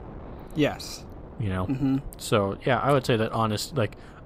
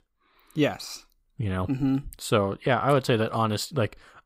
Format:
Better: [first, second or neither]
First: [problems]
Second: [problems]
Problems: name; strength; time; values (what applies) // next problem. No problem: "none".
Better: second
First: wind noise on the microphone; occasional gusts; 20 dB below the speech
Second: none